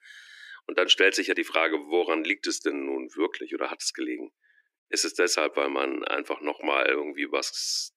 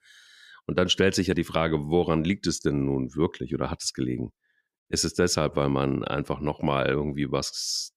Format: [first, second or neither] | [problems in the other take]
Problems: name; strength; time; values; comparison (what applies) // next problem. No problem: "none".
second | thin; somewhat; fading below 300 Hz